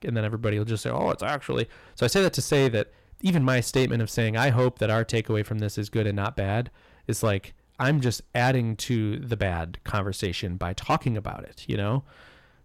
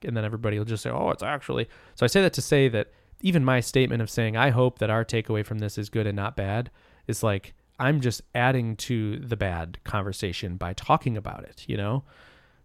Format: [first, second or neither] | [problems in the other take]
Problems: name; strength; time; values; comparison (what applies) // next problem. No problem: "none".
second | distortion; slight; 4% of the sound clipped